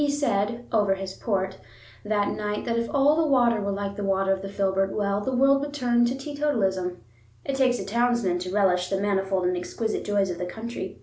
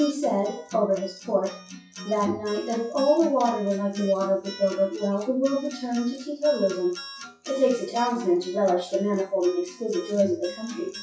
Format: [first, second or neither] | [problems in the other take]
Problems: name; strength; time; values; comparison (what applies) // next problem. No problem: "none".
first | noise reduction (classical method WPE with log-MMSE)